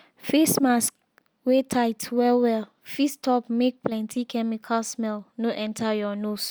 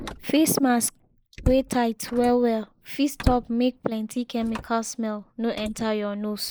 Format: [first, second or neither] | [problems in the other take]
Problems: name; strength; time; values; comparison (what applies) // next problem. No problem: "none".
first | noise reduction (neural mask model Resemble Enhance denoiser)